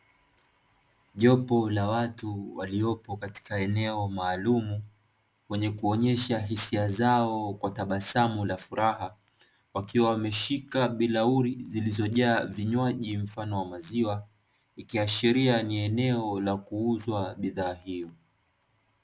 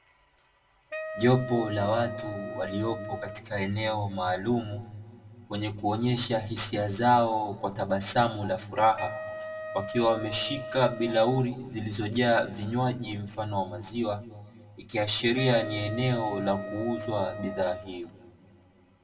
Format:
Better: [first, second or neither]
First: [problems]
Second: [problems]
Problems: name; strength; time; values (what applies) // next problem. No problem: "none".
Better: first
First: none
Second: background sound (Wind instrument, woodwind instrument); 10 dB below the speech // room echo; dies away in 1.6 s